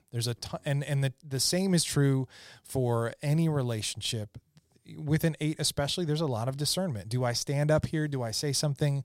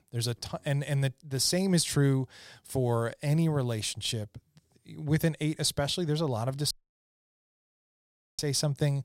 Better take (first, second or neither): first